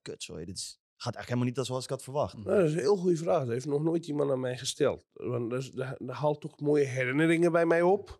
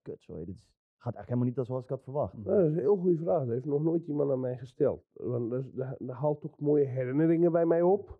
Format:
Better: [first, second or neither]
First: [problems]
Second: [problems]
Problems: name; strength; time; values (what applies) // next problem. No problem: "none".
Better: first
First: none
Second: muffled; very; fading above 2 kHz